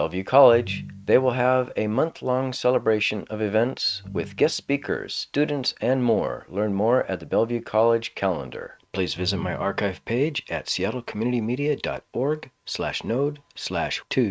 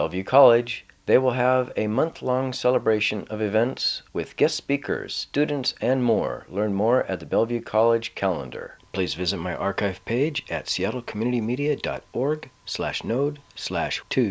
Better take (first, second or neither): second